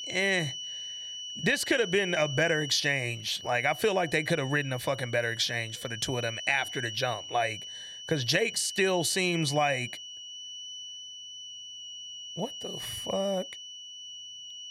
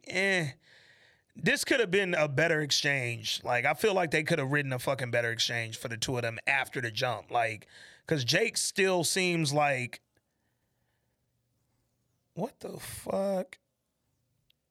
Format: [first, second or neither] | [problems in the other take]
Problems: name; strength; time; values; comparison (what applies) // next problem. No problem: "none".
second | high-pitched whine; loud; throughout; 3 kHz, 10 dB below the speech